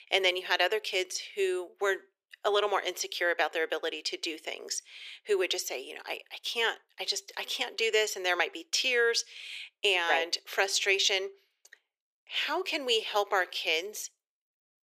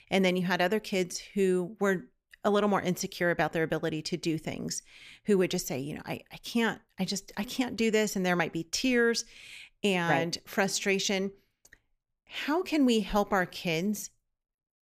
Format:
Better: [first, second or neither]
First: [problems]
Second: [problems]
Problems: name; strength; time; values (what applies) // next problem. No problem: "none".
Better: second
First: thin; very; fading below 400 Hz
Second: none